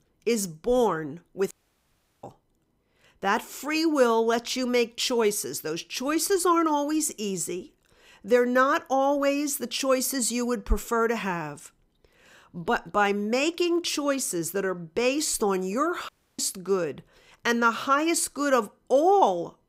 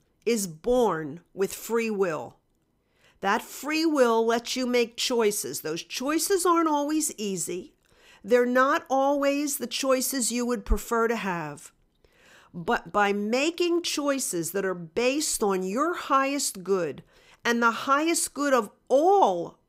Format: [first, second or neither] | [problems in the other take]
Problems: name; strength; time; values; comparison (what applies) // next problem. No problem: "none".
second | audio cutting out; at 1.5 s for 0.5 s and at 16 s